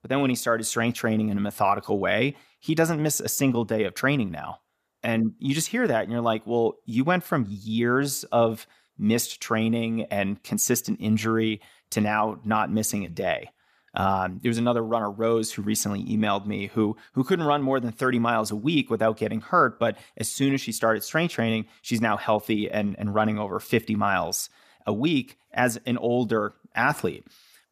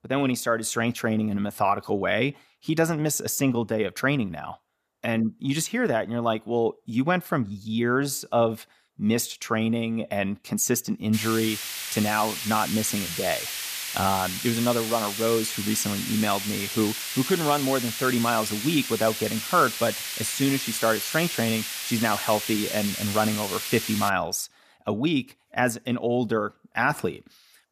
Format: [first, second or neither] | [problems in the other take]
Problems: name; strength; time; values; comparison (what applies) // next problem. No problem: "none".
first | hiss; loud; from 11 to 24 s; 4 dB below the speech